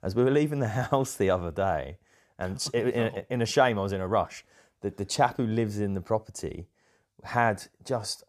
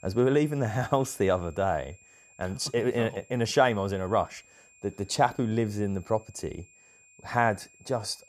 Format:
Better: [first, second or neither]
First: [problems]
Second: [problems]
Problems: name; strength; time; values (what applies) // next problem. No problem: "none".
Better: first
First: none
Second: high-pitched whine; faint; throughout; 2.5 kHz, 25 dB below the speech